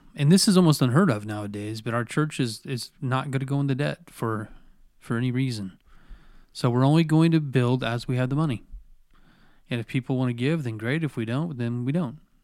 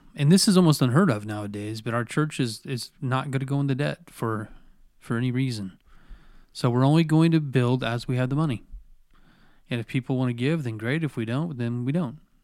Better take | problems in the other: neither | none

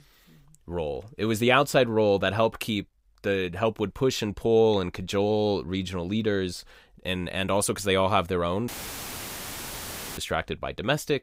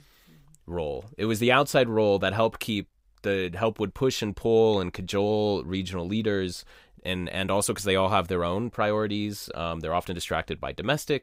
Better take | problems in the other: second | audio cutting out; filled with static; at 8.5 s for 1.5 s

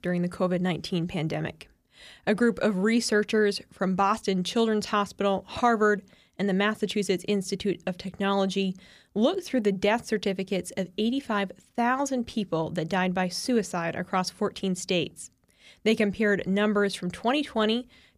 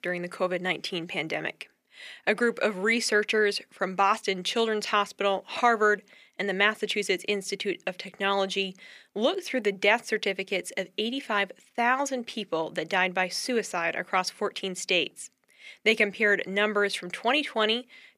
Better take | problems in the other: first | thin; somewhat; fading below 350 Hz

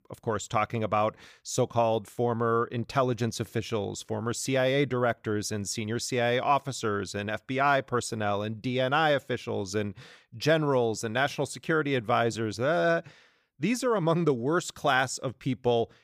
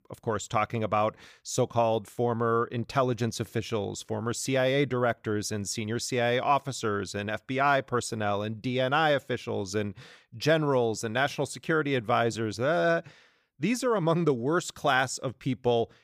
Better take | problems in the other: neither | none

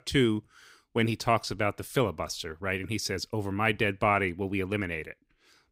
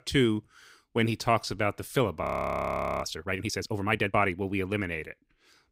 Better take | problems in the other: first | audio freezing; at 2 s for 1 s

